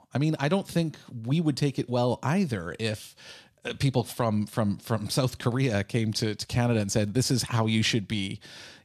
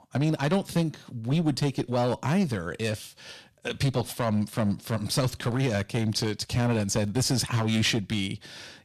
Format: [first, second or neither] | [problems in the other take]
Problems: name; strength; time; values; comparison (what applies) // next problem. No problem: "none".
first | distortion; slight; 6% of the sound clipped